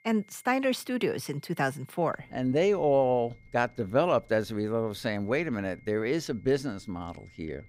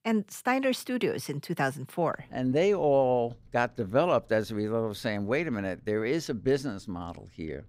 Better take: second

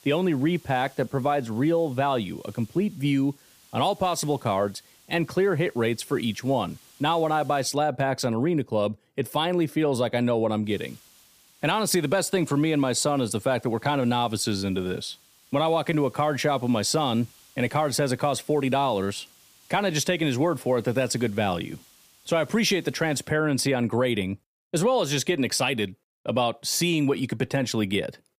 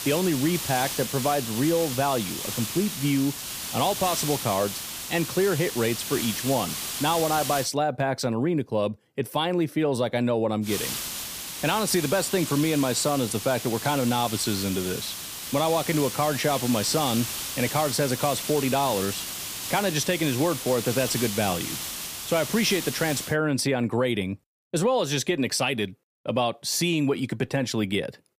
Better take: first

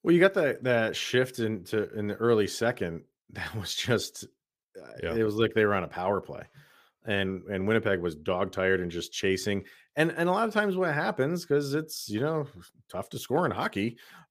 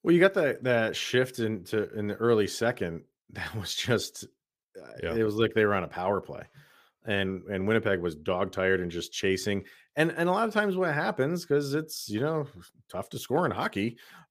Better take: neither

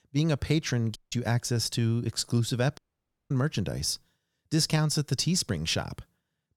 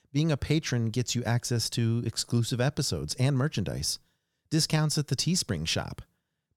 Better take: second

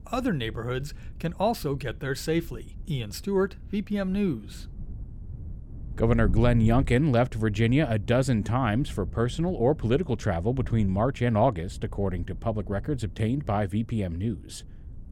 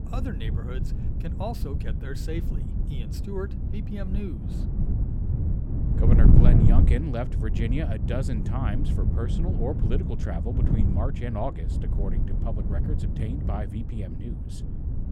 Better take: first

